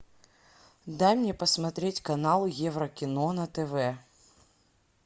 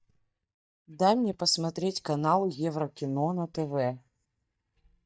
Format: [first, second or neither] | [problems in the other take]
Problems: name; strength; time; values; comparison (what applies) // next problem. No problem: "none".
first | noise reduction (neural mask model DeepFilterNet 3)